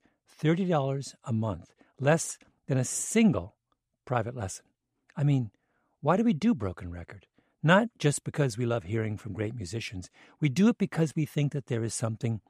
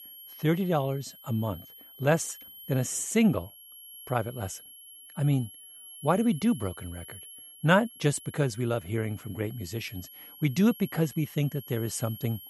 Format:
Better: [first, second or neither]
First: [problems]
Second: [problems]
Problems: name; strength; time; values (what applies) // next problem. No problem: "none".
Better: first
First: none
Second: high-pitched whine; noticeable; throughout; 11 kHz, 15 dB below the speech